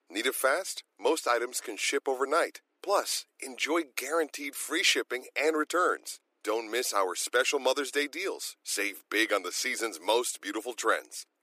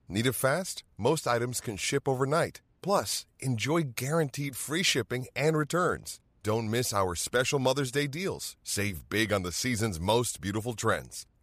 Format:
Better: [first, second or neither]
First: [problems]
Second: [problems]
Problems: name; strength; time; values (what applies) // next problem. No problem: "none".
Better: second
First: thin; somewhat; fading below 300 Hz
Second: none